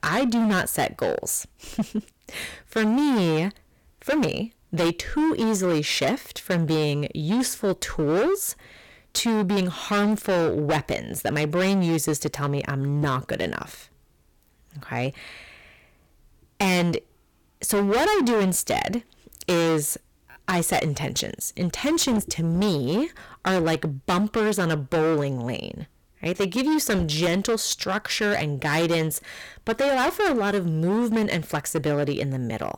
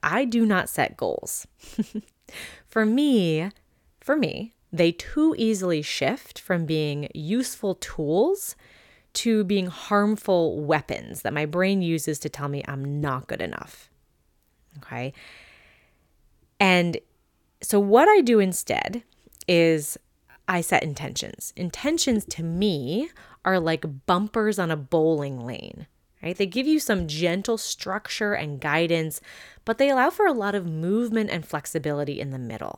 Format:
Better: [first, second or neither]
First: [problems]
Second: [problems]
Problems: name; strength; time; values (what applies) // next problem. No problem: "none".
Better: second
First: distortion; heavy; 17% of the sound clipped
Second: none